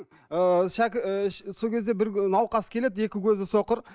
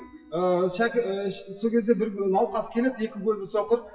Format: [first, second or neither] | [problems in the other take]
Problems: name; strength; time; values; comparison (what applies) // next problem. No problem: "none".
first | noise reduction (classical method WPE with log-MMSE)